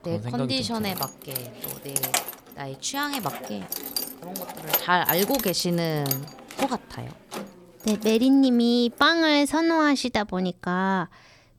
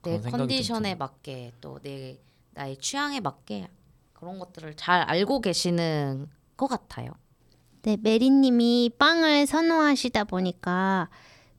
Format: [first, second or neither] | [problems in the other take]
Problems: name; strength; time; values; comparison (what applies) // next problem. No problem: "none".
second | jangling keys; noticeable; from 1 to 8 s; peak level with the speech